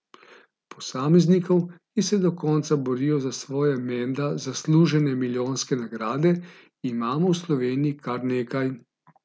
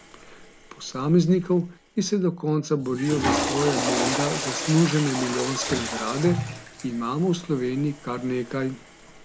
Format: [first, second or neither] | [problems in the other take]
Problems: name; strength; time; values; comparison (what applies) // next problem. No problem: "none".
first | background sound (Toilet flush / Water); 6 dB below the speech